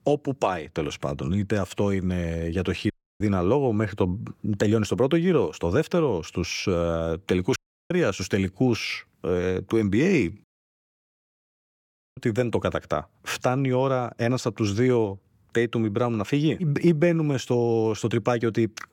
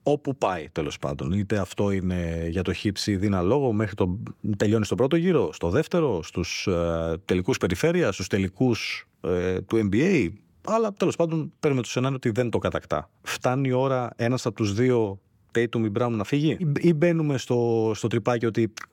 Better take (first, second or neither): second